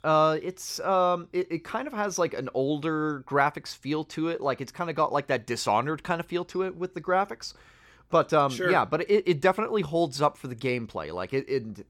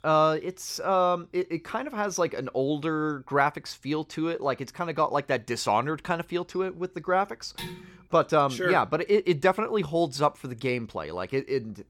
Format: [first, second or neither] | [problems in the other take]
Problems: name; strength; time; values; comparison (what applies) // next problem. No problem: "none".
first | clattering dishes; faint; at 7.5 s; peak 10 dB below the speech